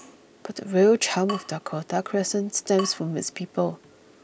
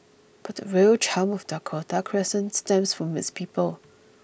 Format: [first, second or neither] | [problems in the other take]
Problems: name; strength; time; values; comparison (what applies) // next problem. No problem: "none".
second | background sound (Drip / Water tap, faucet); 18 dB below the speech